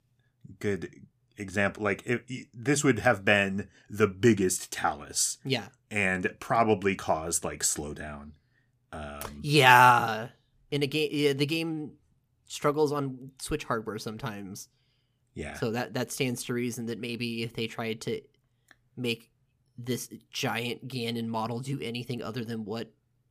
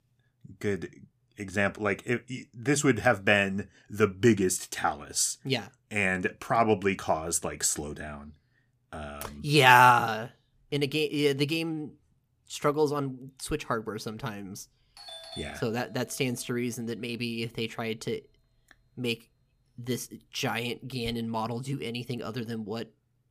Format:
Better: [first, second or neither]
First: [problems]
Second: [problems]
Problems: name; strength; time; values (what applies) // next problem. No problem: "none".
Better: first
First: none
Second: doorbell; faint; from 15 to 21 s; peak 15 dB below the speech